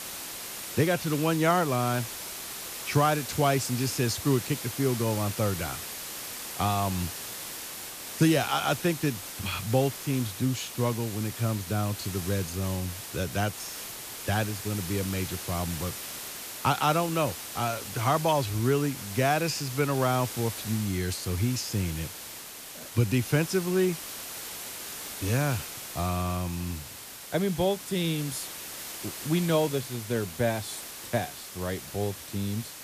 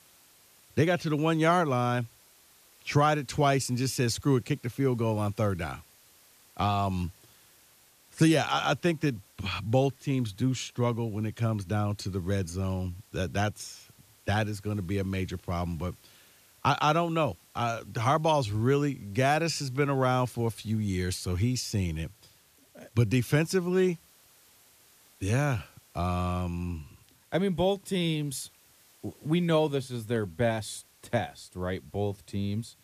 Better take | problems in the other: second | hiss; loud; throughout; 8 dB below the speech; faint in the second

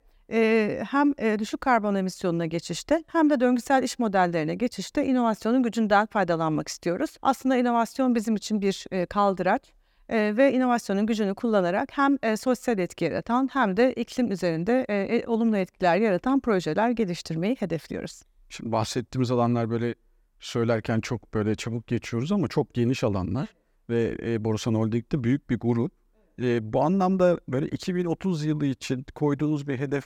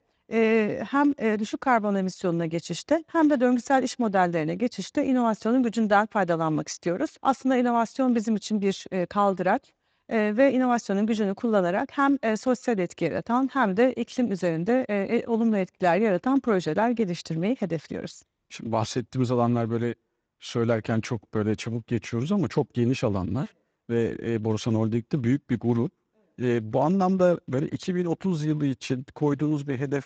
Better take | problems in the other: first | garbled, watery; slightly; nothing above 7.5 kHz

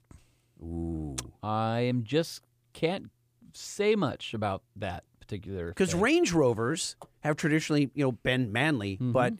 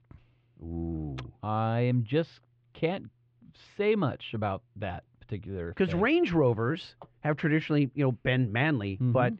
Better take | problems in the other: first | muffled; very; fading above 3 kHz

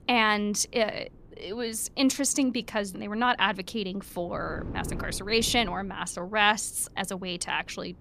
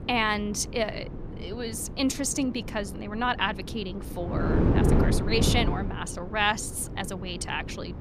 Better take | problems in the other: first | wind noise on the microphone; heavy; 7 dB below the speech; occasional gusts in the first

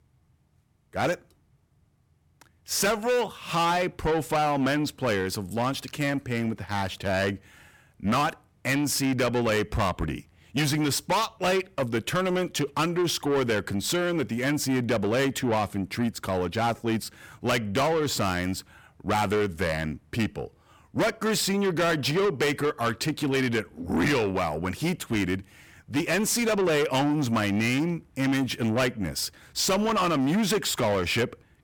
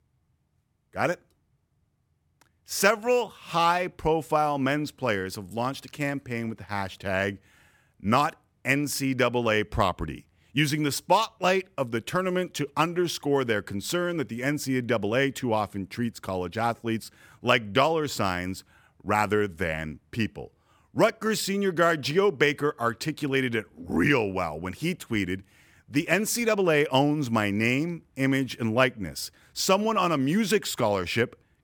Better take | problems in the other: second | distortion; heavy; 7 dB below the speech

